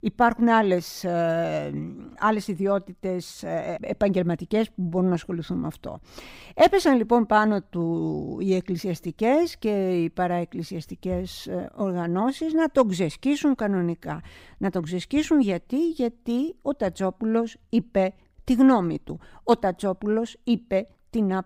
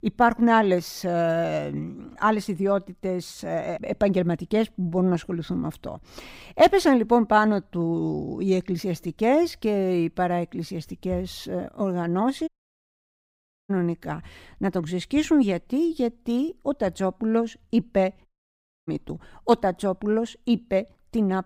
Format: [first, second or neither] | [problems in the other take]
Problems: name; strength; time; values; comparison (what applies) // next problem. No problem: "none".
first | audio cutting out; at 12 s for 1 s and at 18 s for 0.5 s